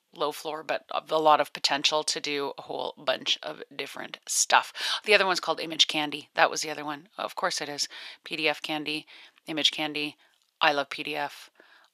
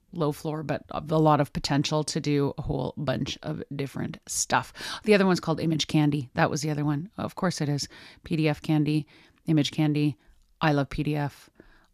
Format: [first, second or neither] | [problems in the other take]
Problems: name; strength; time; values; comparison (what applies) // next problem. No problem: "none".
second | thin; very; fading below 700 Hz